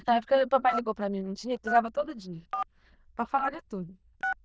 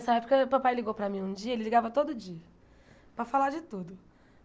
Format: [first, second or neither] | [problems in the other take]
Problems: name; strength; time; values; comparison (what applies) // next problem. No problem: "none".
second | noise reduction (neural diffusion model UNIVERSE++)